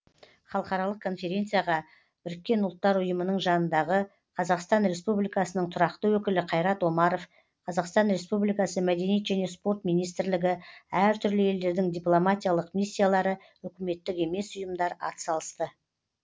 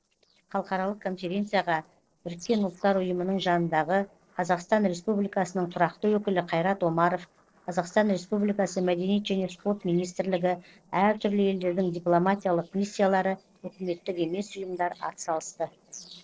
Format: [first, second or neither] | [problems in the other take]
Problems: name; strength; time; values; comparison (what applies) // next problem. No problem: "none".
first | noise reduction (neural separator model SepFormer DNS4)